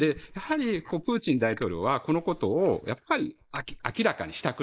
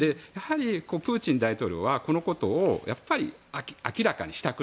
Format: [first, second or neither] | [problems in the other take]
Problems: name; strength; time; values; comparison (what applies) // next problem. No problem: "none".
second | noise reduction (neural mask model Resemble Enhance denoiser)